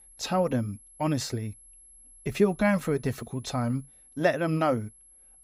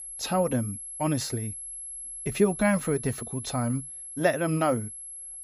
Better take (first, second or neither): first